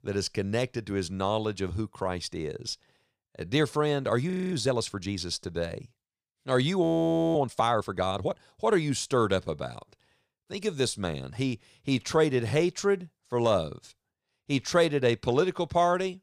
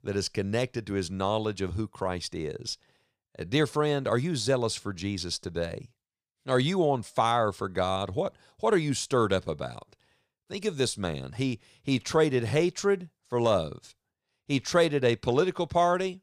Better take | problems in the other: second | audio freezing; at 4.5 s and at 7 s for 0.5 s

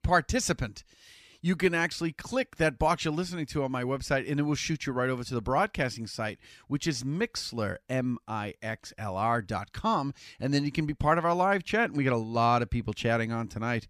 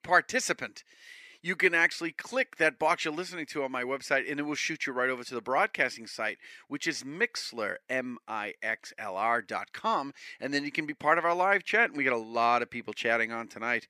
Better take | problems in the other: first | thin; somewhat; fading below 350 Hz

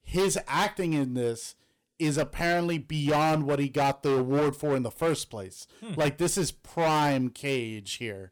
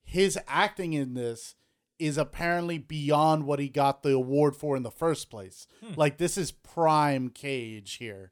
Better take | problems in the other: second | distortion; heavy; 12% of the sound clipped

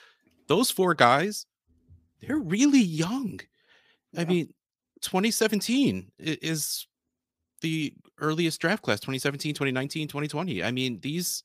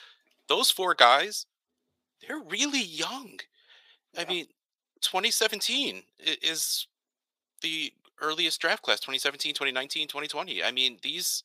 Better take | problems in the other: first | thin; very; fading below 650 Hz

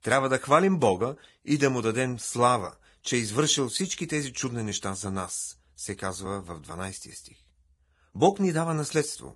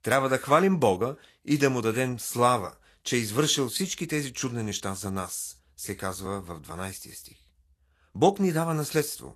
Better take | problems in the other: second | garbled, watery; badly; nothing above 10.5 kHz; slightly in the second

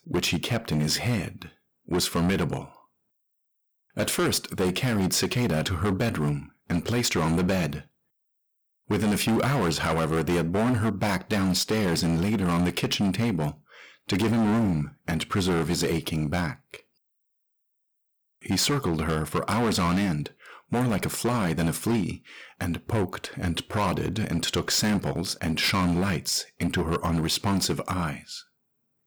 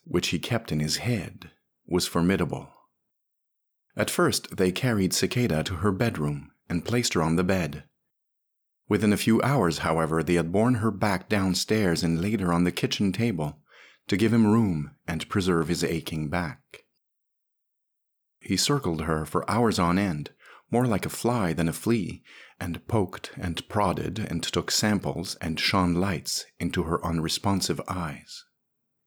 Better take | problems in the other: second | distortion; heavy; 13% of the sound clipped

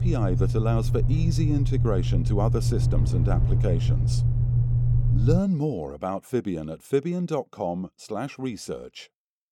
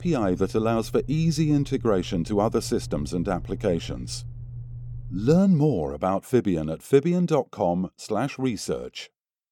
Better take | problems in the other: second | low rumble; loud; until 5.5 s; 5 dB below the speech; faint in the second

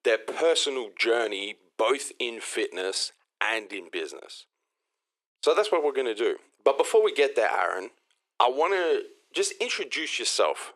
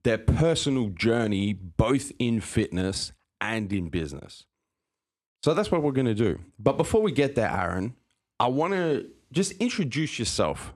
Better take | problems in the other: second | thin; very; fading below 400 Hz

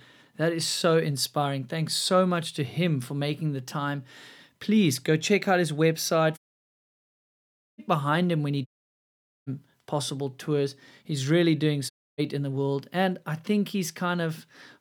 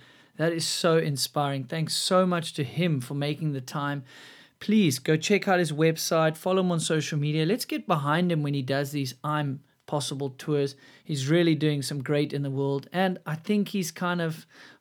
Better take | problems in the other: second | audio cutting out; at 6.5 s for 1.5 s, at 8.5 s for 1 s and at 12 s

